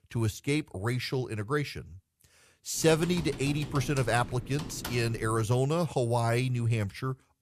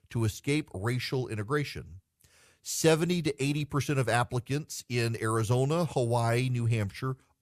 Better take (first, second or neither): second